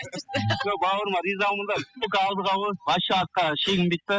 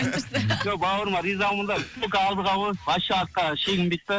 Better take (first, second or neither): second